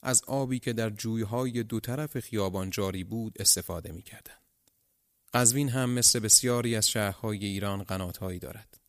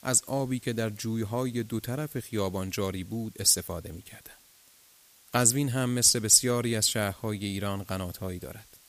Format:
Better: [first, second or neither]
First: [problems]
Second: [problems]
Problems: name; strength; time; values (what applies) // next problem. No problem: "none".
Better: first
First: none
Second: hiss; faint; throughout; 30 dB below the speech